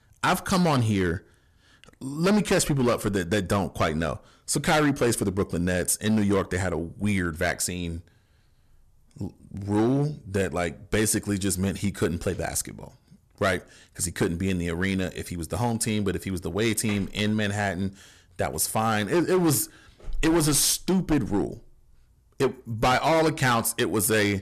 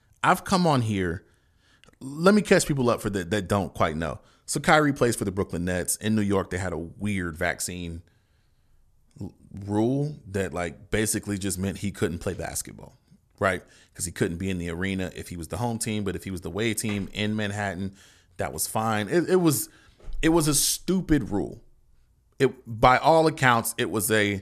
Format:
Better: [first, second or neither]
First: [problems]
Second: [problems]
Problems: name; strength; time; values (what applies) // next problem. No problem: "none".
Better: second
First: distortion; heavy; 7% of the sound clipped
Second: none